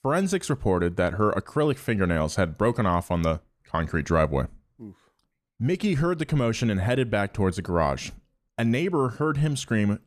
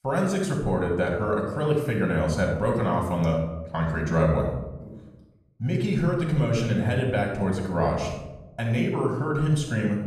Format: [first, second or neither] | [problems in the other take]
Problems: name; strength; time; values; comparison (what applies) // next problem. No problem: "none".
first | room echo; noticeable; dies away in 0.8 s // off-mic speech; somewhat distant